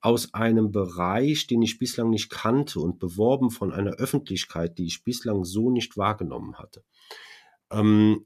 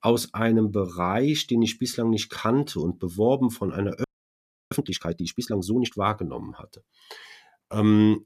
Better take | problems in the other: first | audio freezing; at 4 s for 0.5 s

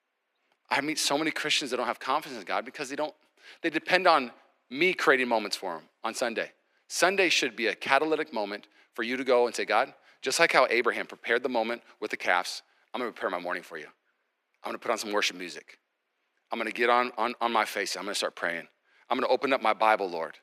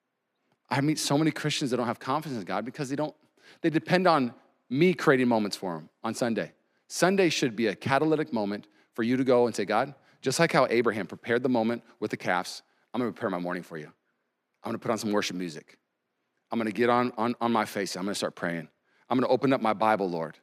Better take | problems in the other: second | thin; somewhat; fading below 450 Hz

